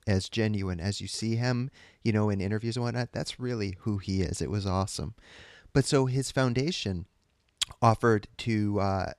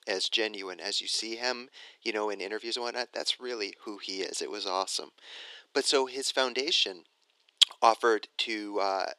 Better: first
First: none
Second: thin; very; fading below 350 Hz

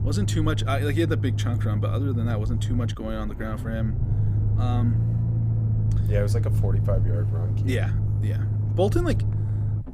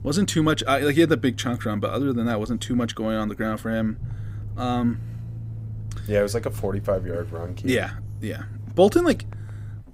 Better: second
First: low rumble; loud; throughout; 7 dB below the speech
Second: low rumble; faint; throughout; 25 dB below the speech

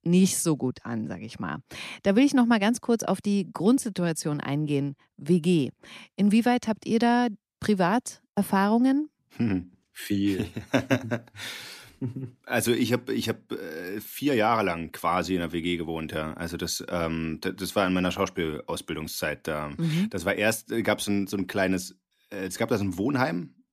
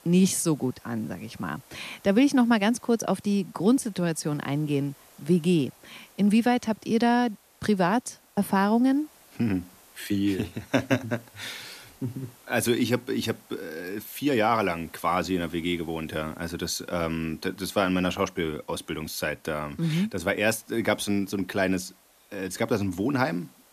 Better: first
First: none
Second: hiss; faint; throughout; 25 dB below the speech

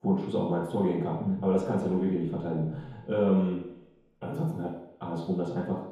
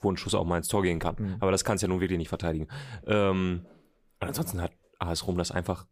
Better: second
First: room echo; noticeable; dies away in 0.9 s // off-mic speech; far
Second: none

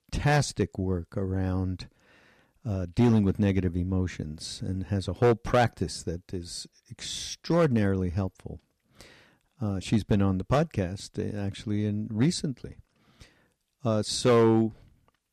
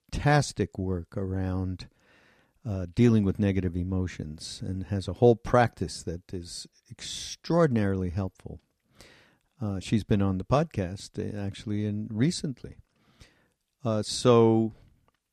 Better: second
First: distortion; slight; 2% of the sound clipped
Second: none

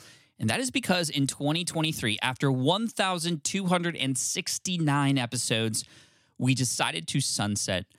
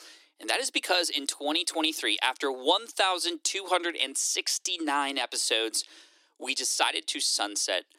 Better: first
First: none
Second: thin; very; fading below 300 Hz

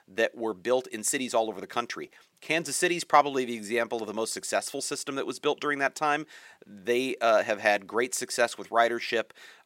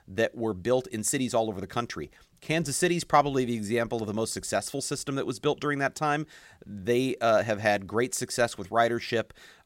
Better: second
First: thin; very slightly; fading below 300 Hz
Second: none

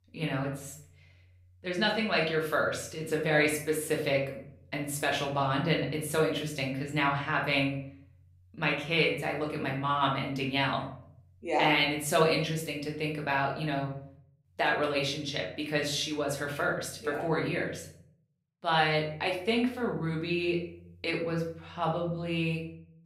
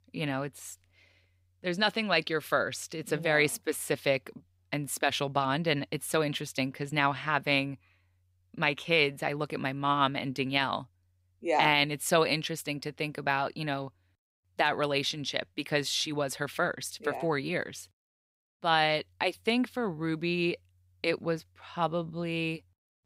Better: second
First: room echo; slight; dies away in 0.5 s // off-mic speech; far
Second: none

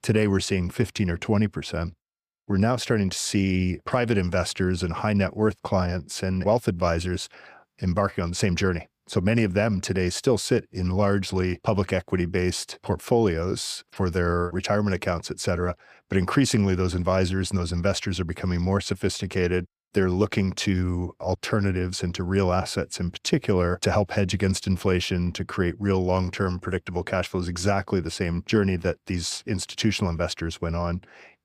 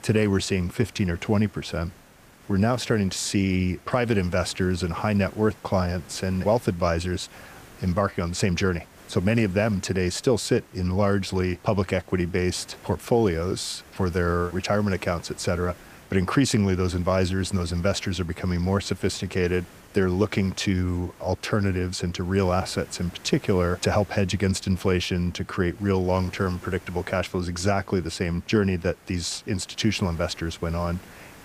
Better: first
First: none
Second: hiss; faint; throughout; 25 dB below the speech

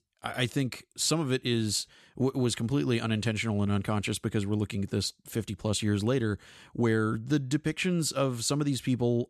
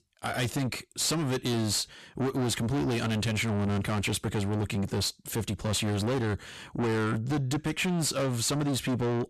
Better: first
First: none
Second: distortion; heavy; 6 dB below the speech

